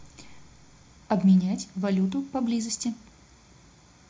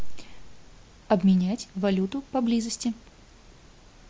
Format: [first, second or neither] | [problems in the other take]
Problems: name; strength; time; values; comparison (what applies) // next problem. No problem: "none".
second | room echo; dies away in 0.2 s